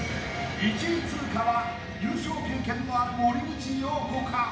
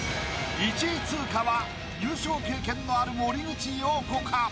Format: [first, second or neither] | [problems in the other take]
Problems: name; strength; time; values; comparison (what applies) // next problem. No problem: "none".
second | room echo; dies away in 0.8 s